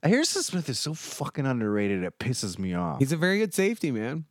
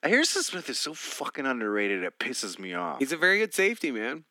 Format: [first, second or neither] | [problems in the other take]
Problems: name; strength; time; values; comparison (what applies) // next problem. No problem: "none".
first | thin; somewhat; fading below 250 Hz